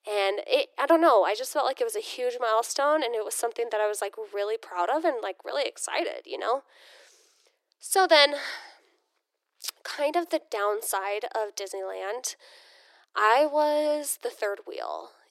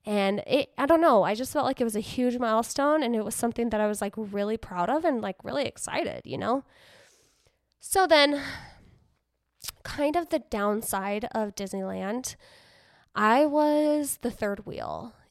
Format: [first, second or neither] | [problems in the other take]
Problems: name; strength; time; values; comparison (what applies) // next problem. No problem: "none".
second | thin; very; fading below 350 Hz